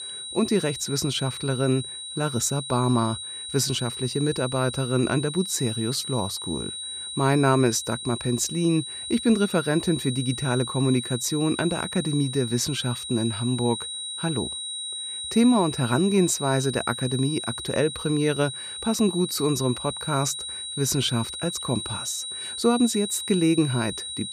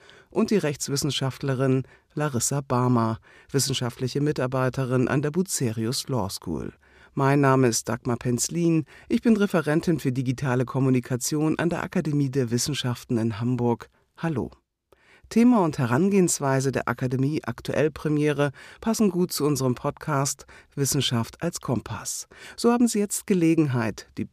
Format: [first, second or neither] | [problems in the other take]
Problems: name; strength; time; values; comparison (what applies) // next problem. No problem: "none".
second | high-pitched whine; loud; throughout; 4 kHz, 7 dB below the speech